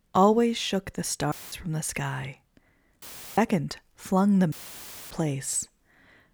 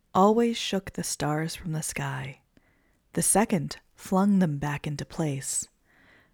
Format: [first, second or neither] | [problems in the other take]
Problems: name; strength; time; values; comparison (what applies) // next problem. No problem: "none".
second | audio cutting out; filled with static; at 1.5 s, at 3 s and at 4.5 s for 0.5 s